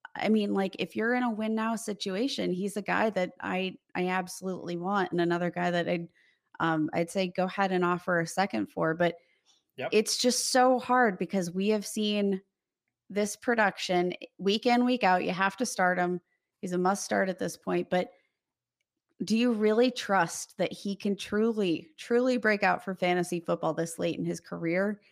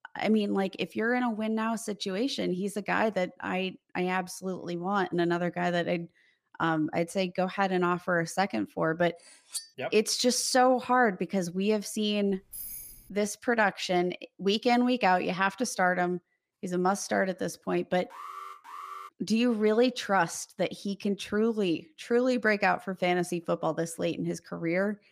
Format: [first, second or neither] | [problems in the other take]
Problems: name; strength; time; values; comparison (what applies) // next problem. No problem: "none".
first | clattering dishes; noticeable; at 9.5 s; peak 9 dB below the speech // jangling keys; noticeable; at 12 s; peak 9 dB below the speech // alarm; faint; at 18 s; peak 15 dB below the speech